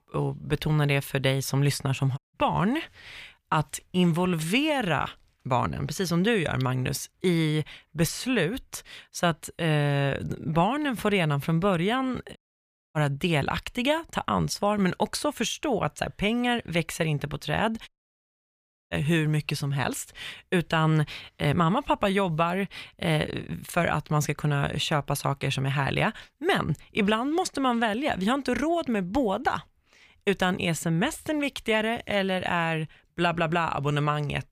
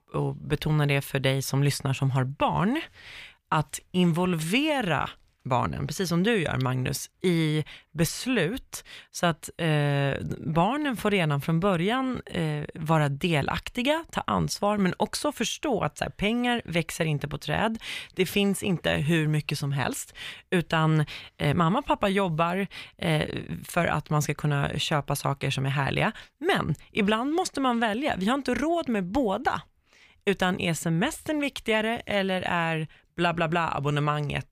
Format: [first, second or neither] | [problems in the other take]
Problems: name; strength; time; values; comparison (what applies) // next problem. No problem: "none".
second | audio cutting out; at 2 s, at 12 s for 0.5 s and at 18 s for 1 s